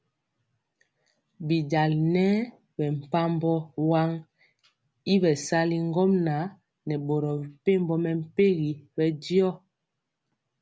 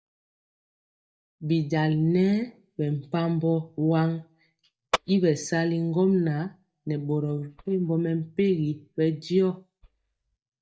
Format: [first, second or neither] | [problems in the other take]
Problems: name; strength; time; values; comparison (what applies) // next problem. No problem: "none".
first | noise reduction (neural mask model DeepFilterNet 3)